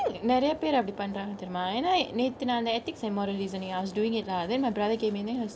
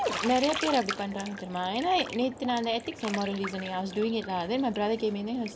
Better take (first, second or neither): first